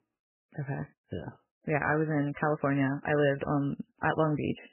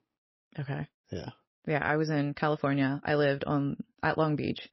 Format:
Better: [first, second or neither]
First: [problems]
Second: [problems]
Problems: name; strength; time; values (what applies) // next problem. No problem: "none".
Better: second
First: garbled, watery; badly; nothing above 3 kHz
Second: garbled, watery; slightly; nothing above 5.5 kHz